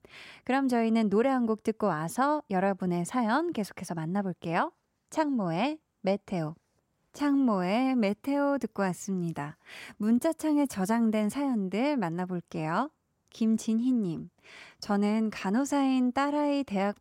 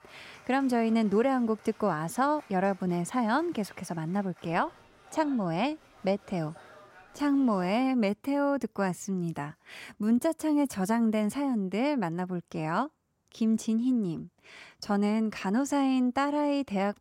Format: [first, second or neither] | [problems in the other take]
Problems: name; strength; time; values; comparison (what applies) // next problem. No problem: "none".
first | crowd noise; faint; until 8 s; 25 dB below the speech